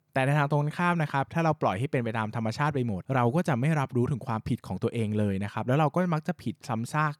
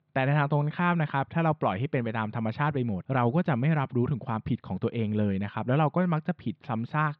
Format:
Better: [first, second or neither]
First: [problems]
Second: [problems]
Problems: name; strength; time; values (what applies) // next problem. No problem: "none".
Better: first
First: none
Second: muffled; slightly; fading above 3.5 kHz